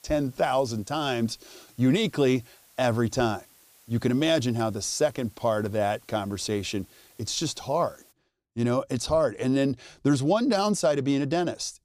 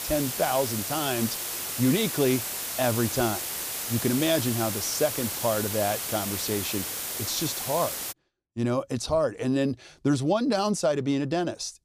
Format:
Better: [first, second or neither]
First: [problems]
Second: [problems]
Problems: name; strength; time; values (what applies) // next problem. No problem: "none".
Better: first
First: hiss; faint; until 8 s; 30 dB below the speech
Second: hiss; loud; until 8 s; 3 dB below the speech